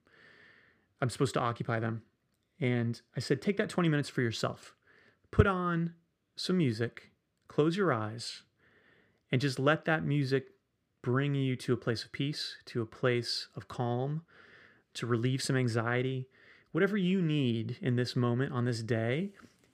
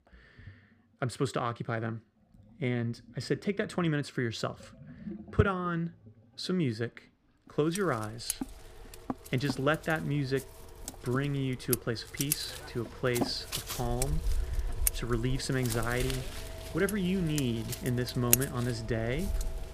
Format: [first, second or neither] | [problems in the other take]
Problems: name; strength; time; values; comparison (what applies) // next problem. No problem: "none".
first | household noises; loud; throughout; 4 dB below the speech